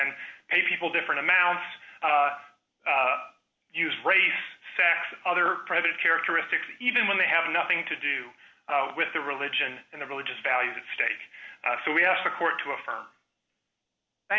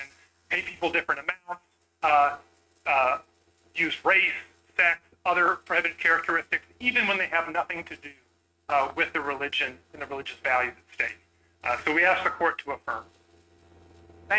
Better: first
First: none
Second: noise reduction (neural mask model RNNoise)

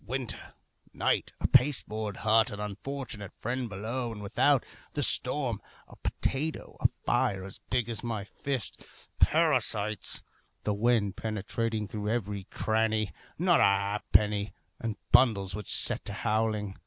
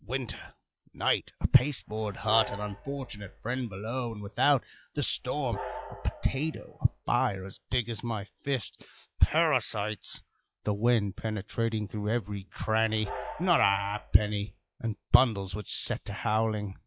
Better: first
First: none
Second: noise reduction (classical method log-MMSE)

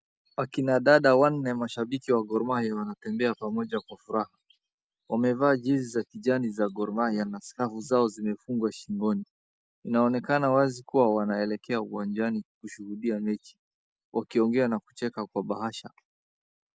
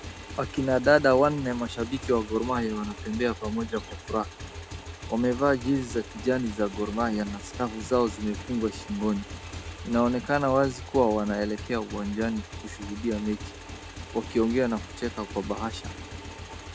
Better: first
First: none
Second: background sound (Motorcycle / Engine); 12 dB below the speech

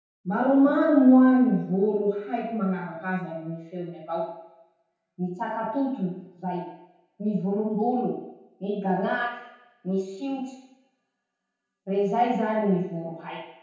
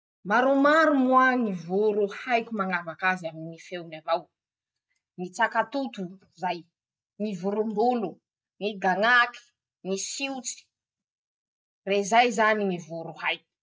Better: second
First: room echo; dies away in 0.8 s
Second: none

